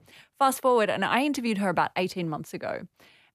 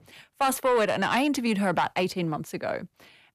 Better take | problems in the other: first | distortion; slight; 10 dB below the speech

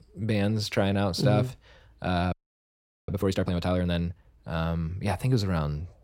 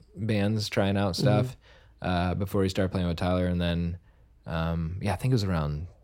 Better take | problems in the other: second | audio freezing; at 2.5 s for 1 s

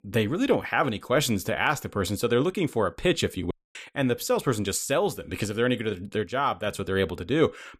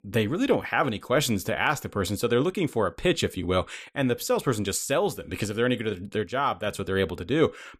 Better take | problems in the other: second | audio cutting out; at 3.5 s

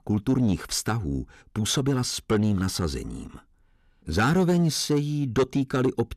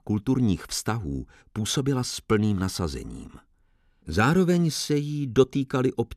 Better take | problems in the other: second | distortion; slight; 10 dB below the speech

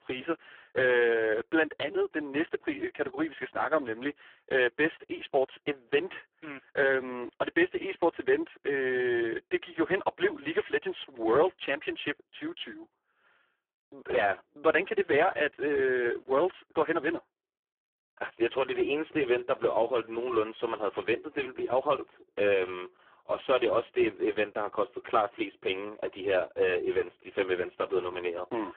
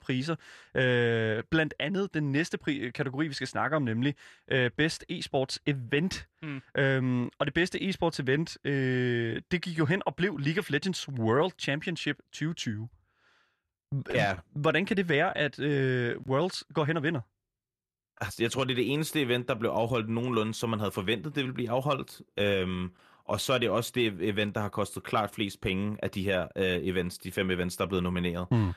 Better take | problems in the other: second | phone-call audio; poor line

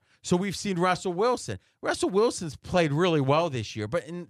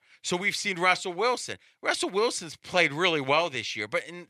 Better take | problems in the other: first | thin; somewhat; fading below 1 kHz

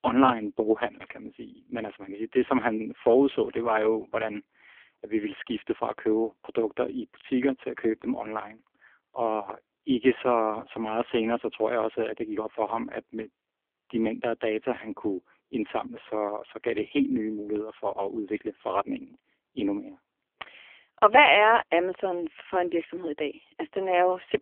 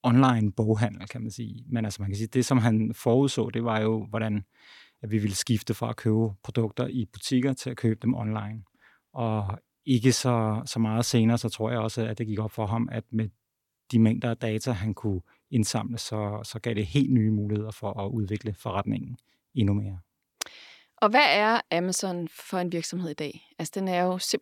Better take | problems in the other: second | phone-call audio; poor line; nothing above 3 kHz

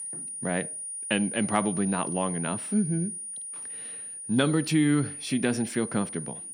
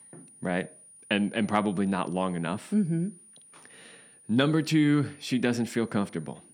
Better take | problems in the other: second | high-pitched whine; loud; throughout; 9.5 kHz, 7 dB below the speech; faint in the second

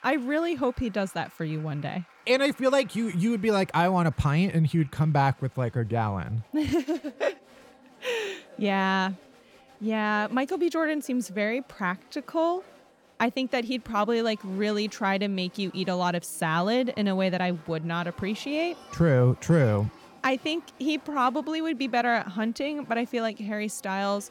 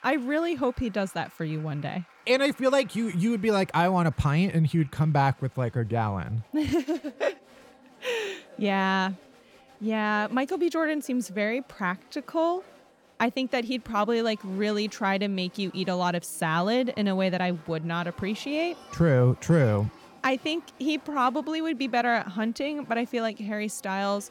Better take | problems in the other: neither | crowd noise; faint; throughout; 25 dB below the speech; the same in both

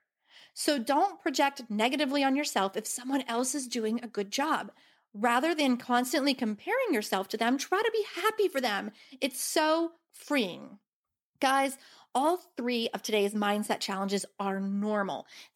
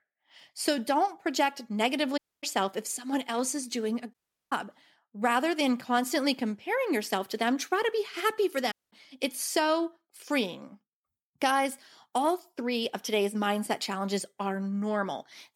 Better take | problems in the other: first | audio cutting out; at 2 s, at 4 s and at 8.5 s

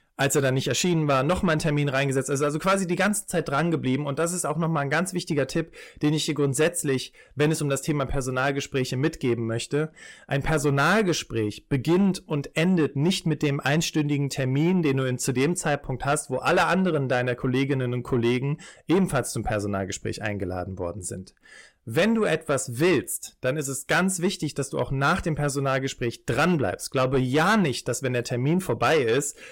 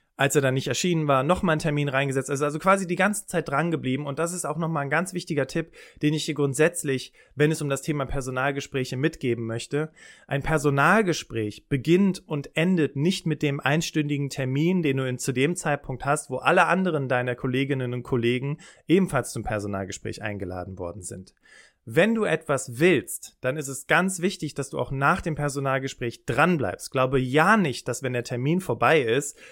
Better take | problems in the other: second | distortion; slight; 10 dB below the speech

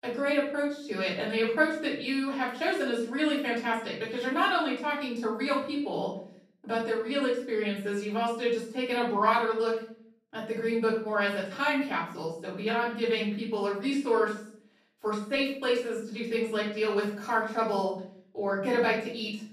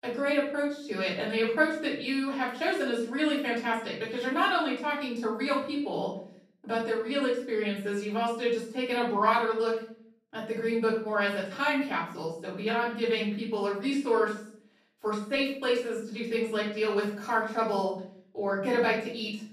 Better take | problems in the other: neither | off-mic speech; far; the same in both // room echo; noticeable; dies away in 0.5 s; the same in both

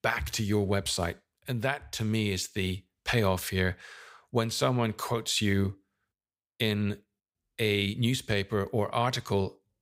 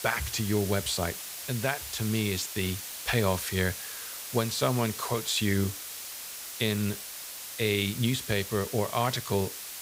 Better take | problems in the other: first | hiss; loud; throughout; 7 dB below the speech

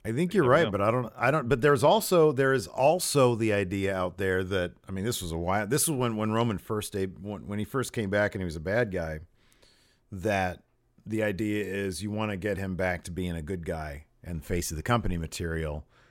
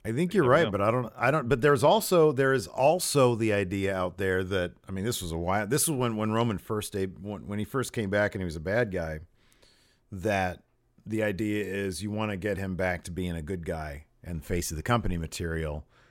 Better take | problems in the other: neither | none

